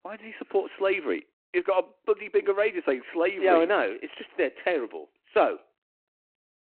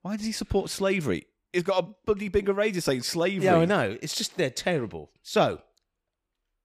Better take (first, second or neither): second